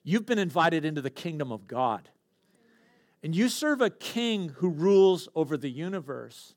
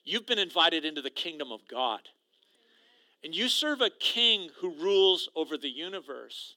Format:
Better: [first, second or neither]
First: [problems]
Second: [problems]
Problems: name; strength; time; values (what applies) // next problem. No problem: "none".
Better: first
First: none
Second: thin; somewhat; fading below 300 Hz